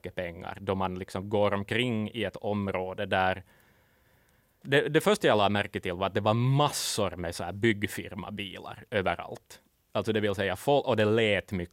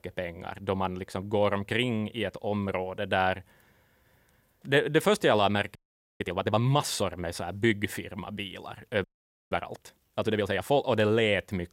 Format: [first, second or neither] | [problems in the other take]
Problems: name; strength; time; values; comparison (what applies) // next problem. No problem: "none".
first | audio freezing; at 6 s and at 9 s